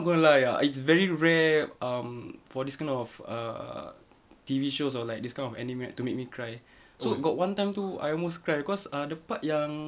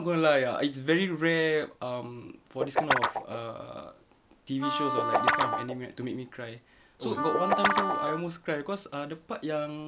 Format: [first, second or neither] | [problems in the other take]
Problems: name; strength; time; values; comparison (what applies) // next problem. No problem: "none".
first | background sound (Wind instrument, woodwind instrument + Guitar); as loud as the speech